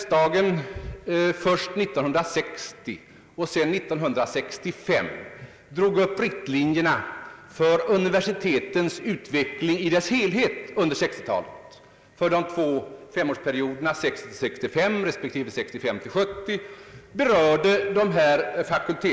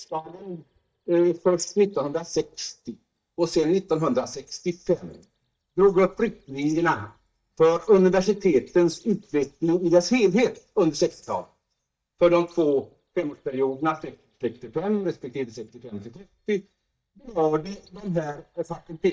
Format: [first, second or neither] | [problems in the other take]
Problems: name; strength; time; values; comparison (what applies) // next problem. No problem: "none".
first | noise reduction (neural mask model DeepFilterNet 3)